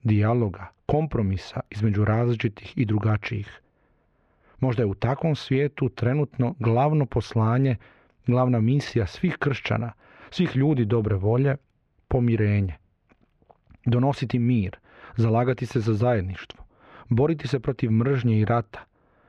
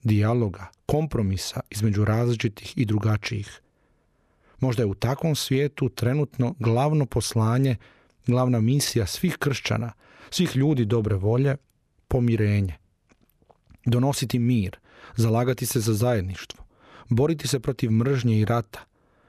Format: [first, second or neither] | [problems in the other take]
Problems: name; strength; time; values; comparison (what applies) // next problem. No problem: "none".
second | muffled; slightly; fading above 2.5 kHz